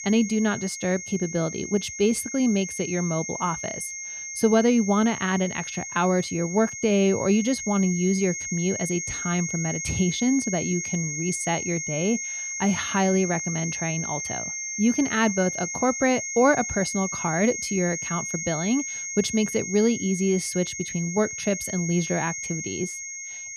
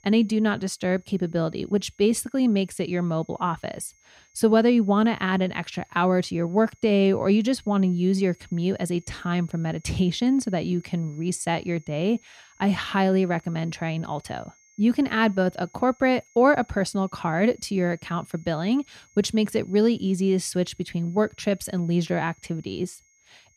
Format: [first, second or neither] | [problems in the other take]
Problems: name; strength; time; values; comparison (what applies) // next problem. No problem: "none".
second | high-pitched whine; loud; throughout; 6.5 kHz, 5 dB below the speech; faint in the second